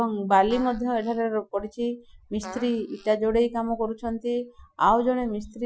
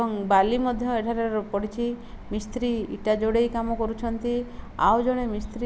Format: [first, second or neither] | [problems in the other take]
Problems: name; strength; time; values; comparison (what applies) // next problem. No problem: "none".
second | noise reduction (classical method Wiener filter)